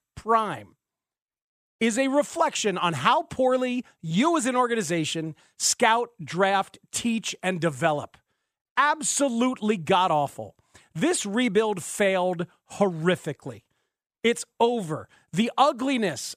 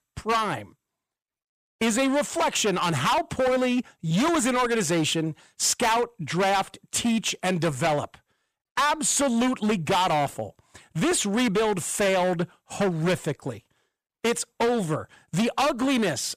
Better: first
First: none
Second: distortion; heavy; 17% of the sound clipped

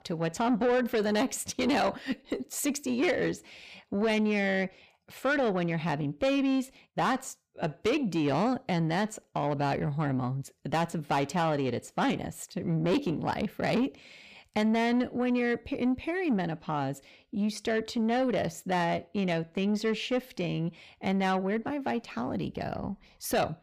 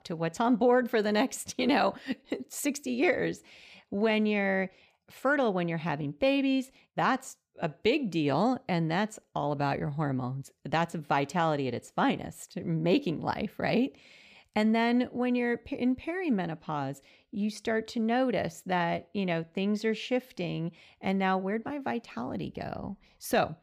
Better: second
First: distortion; slight; 10 dB below the speech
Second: none

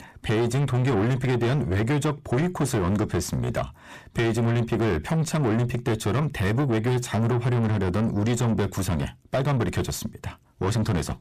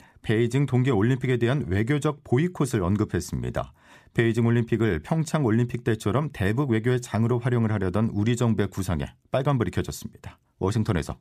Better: second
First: distortion; heavy; 6 dB below the speech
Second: none

